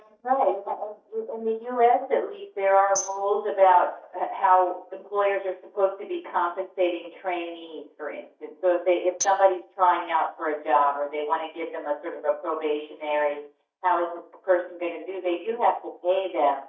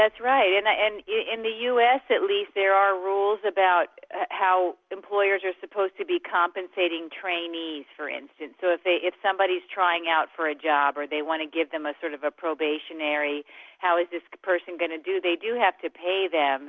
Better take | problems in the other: second | noise reduction (neural mask model DeepFilterNet 3)

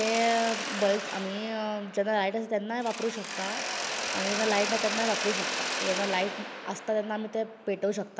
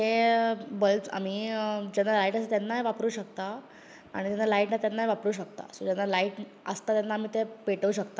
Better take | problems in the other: second | background sound (Mechanisms); 4 dB below the speech

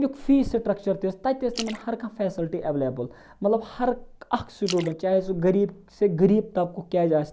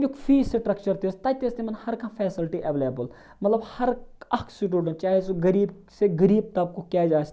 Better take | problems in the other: second | background sound (Splash, splatter); 19 dB below the speech

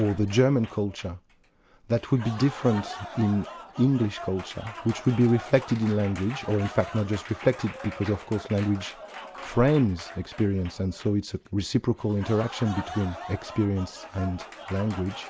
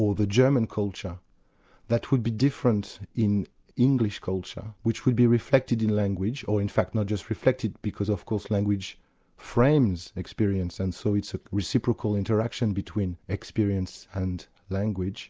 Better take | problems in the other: second | background sound (Applause); 15 dB below the speech

